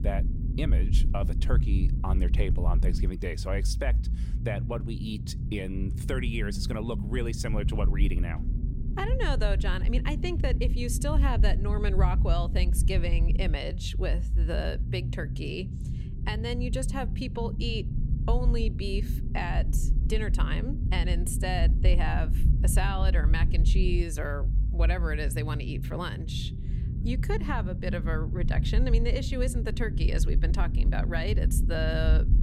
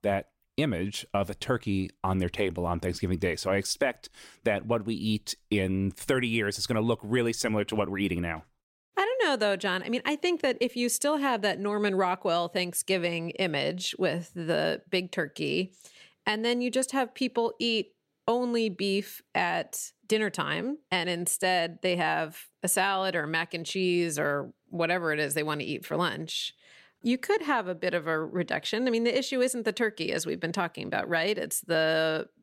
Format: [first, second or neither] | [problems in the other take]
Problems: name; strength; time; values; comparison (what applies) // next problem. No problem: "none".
second | low rumble; loud; throughout; 9 dB below the speech